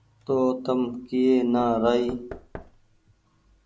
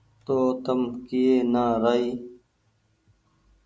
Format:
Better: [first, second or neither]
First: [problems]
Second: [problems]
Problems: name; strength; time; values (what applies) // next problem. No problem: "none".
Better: second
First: background sound (Knock / Wood); 19 dB below the speech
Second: none